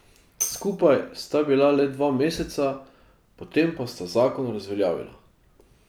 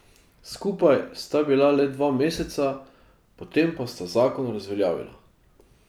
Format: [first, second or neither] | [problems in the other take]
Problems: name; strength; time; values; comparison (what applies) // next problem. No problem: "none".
second | background sound (Tambourine); 11 dB below the speech